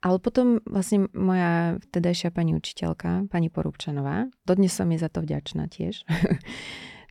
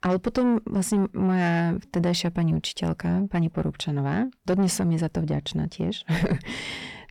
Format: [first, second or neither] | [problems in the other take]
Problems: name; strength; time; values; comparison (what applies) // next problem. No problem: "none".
first | distortion; slight; 10 dB below the speech